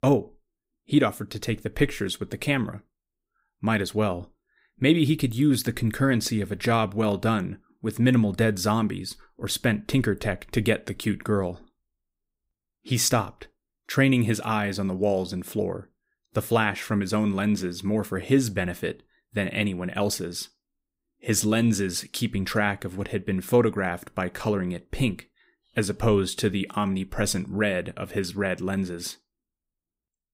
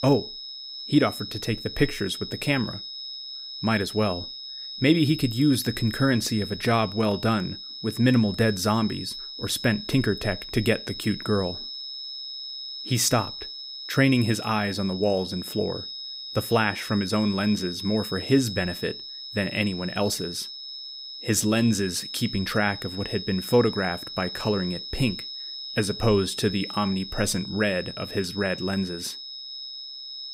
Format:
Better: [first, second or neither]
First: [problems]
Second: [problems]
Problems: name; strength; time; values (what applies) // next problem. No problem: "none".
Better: first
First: none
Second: high-pitched whine; loud; throughout; 5 kHz, 9 dB below the speech